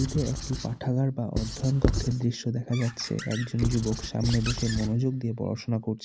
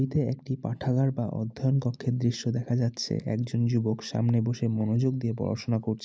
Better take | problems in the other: second | background sound (Squeak / Writing); 6 dB below the speech

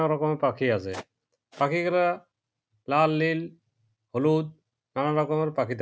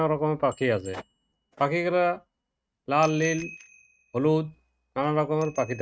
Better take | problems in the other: first | noise reduction (neural mask model RNNoise)

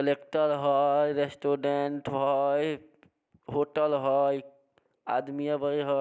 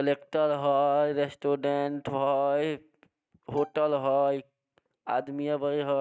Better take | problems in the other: first | noise reduction (neural mask model RNNoise)

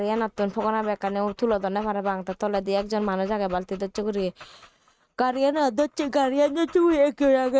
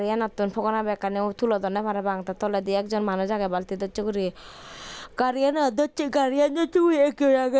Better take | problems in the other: second | noise reduction (neural mask model RNNoise)

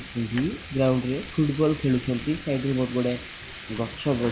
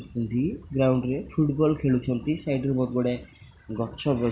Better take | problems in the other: second | background sound (Frying (food)); 15 dB below the speech

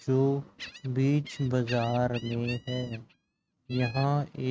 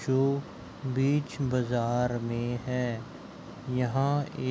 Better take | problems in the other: second | noise reduction (neural mask model RNNoise)

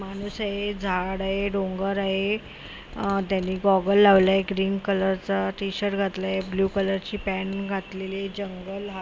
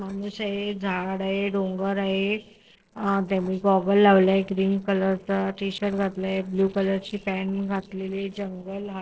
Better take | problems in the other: first | noise reduction (neural separator model SepFormer DNS4)

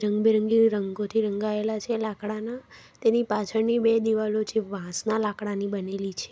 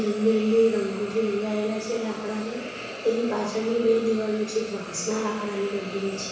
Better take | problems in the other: first | background sound (Hiss); 12 dB below the speech // room echo; dies away in 1.1 s

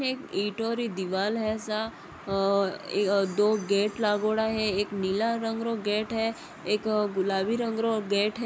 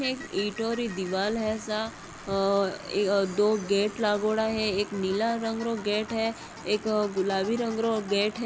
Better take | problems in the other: first | background sound (Bicycle); 19 dB below the speech

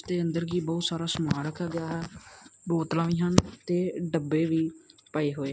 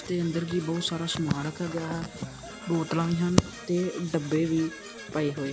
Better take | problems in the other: first | background sound (Brass instrument / Percussion); 14 dB below the speech

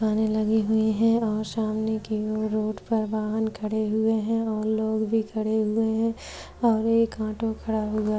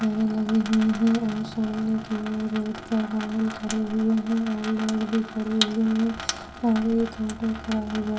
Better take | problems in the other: first | background sound (Sink (filling or washing) / Water tap, faucet); 11 dB below the speech // room echo; dies away in 0.4 s

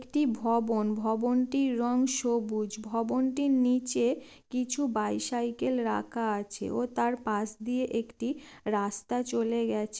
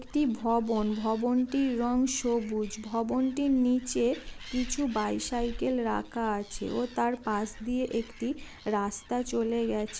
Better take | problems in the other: first | background sound (Animal); 15 dB below the speech

